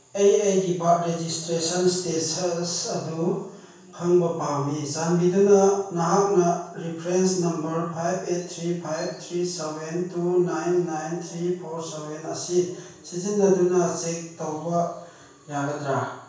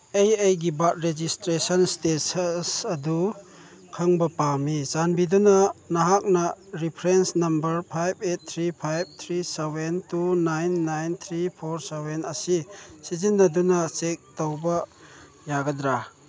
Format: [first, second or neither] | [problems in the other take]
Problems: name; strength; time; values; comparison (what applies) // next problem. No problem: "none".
second | room echo; dies away in 0.7 s